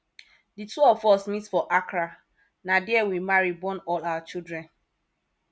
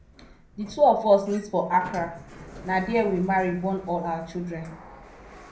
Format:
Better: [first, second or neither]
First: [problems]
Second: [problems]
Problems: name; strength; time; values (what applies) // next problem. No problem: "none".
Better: first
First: none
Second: background sound (Sliding door); 19 dB below the speech // room echo; dies away in 0.5 s